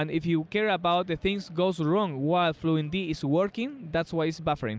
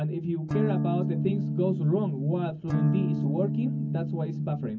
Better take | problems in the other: first | background sound (Electric guitar / Strum); 1 dB above the speech // room echo; dies away in 0.3 s

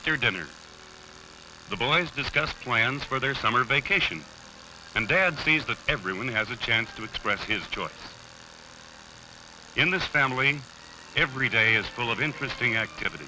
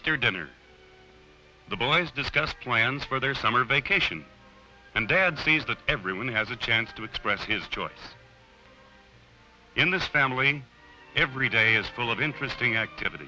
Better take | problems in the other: second | background sound (Tools); 20 dB below the speech

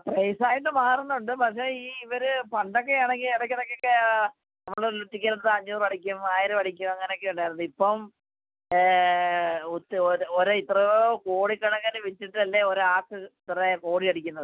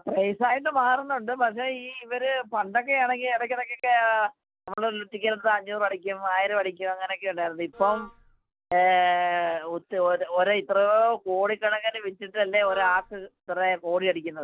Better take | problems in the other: first | noise reduction (neural separator model SepFormer DNS4)

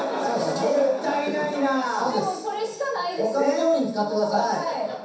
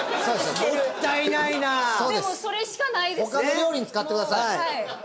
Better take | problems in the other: second | room echo; dies away in 0.7 s

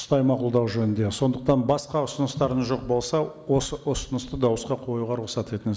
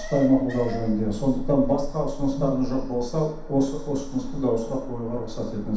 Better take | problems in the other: first | background sound (Alarm); 7 dB below the speech // room echo; dies away in 0.7 s

